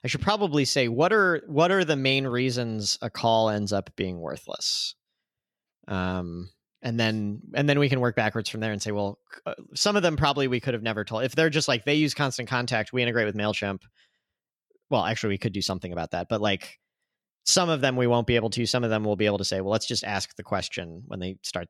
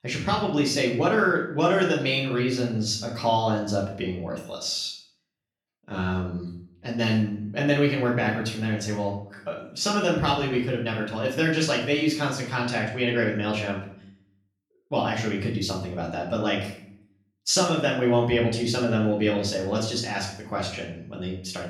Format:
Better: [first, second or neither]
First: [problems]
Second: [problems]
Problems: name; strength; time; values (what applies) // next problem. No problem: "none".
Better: first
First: none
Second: off-mic speech; far // room echo; noticeable; dies away in 0.5 s